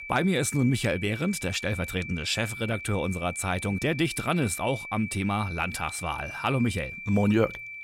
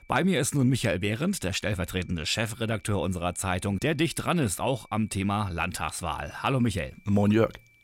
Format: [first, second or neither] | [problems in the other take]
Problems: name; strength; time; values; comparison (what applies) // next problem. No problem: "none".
second | high-pitched whine; loud; throughout; 2.5 kHz, 9 dB below the speech; faint in the second